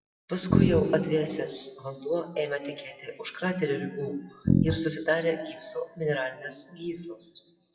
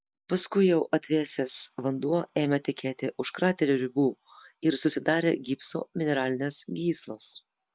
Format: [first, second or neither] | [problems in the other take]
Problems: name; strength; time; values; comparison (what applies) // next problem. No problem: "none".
second | noise reduction (classical method WPE with log-MMSE)